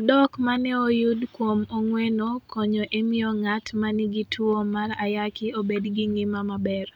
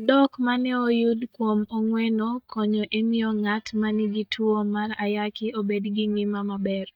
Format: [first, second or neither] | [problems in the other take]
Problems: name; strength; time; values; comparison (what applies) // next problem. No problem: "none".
first | noise reduction (neural mask model DeepFilterNet 3)